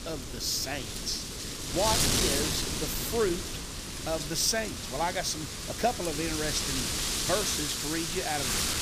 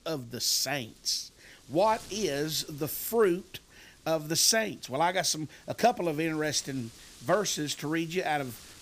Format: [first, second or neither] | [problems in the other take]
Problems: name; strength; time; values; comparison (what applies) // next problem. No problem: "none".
second | wind noise on the microphone; heavy; as loud as the speech; occasional gusts in the second